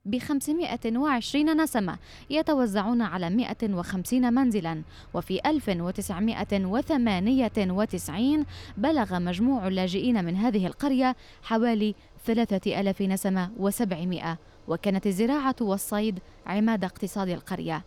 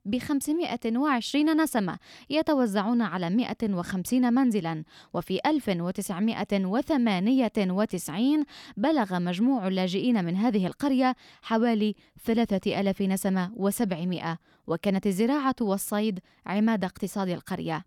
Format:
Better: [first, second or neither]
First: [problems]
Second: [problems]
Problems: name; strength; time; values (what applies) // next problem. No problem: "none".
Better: second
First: traffic noise; faint; throughout; 25 dB below the speech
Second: none